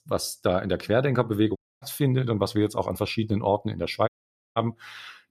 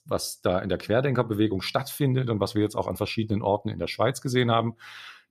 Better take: second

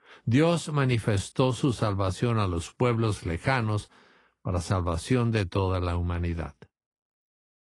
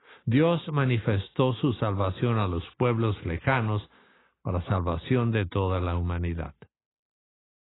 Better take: first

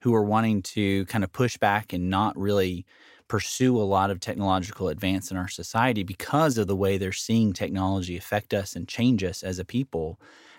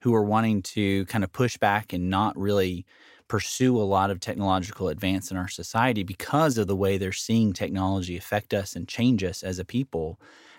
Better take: neither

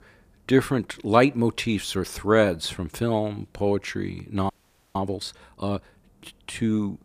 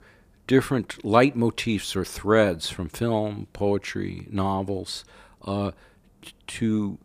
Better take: second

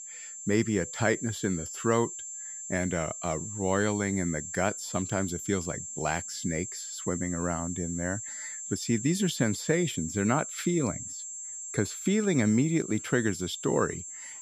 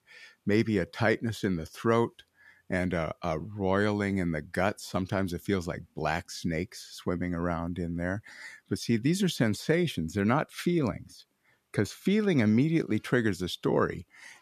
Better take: second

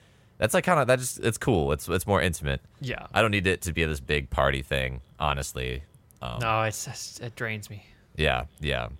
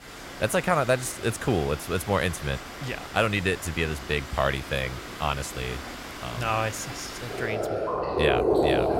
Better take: first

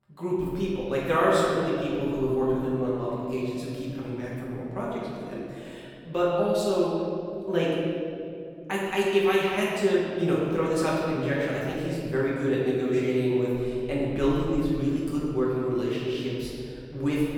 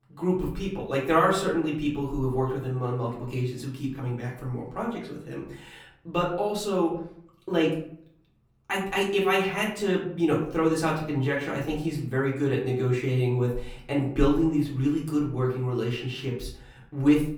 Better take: second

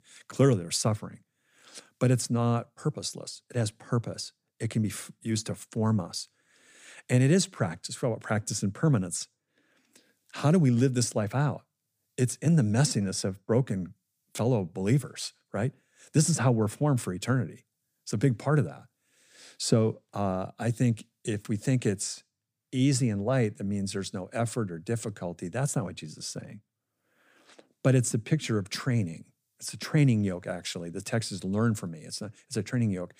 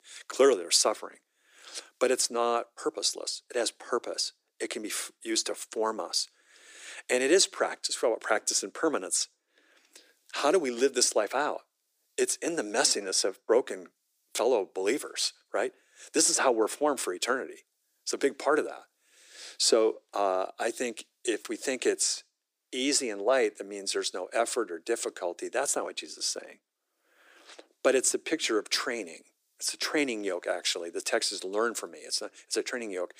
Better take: first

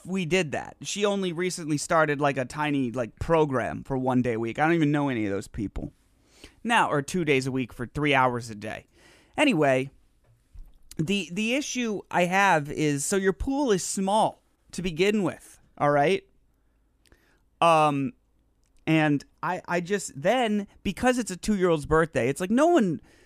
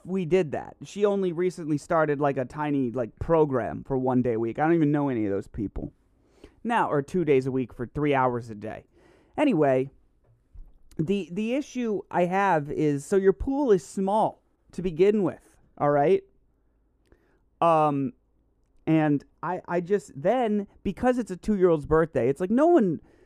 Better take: first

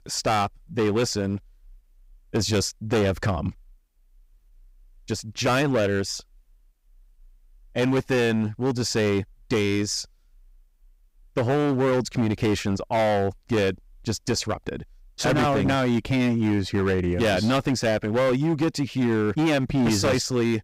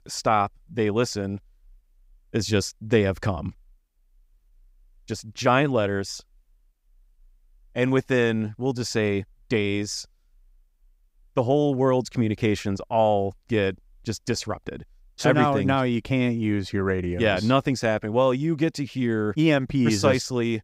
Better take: second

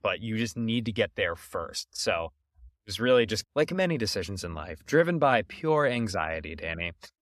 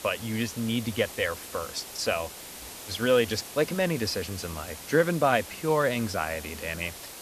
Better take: first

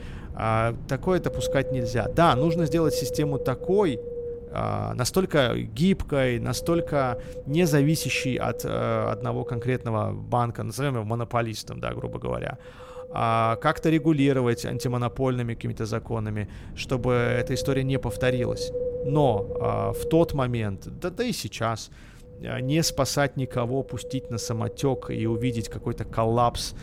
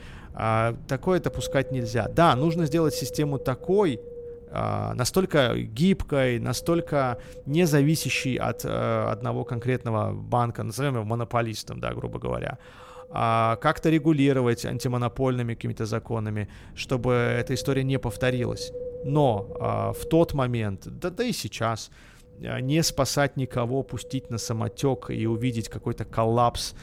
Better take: second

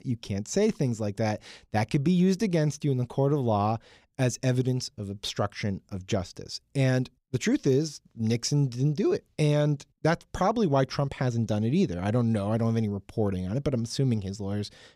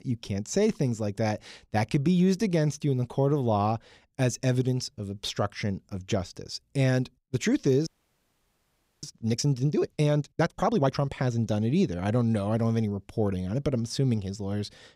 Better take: first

